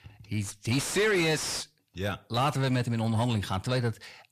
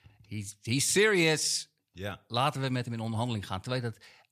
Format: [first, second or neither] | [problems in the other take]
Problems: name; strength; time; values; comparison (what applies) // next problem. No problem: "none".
second | distortion; heavy; 6 dB below the speech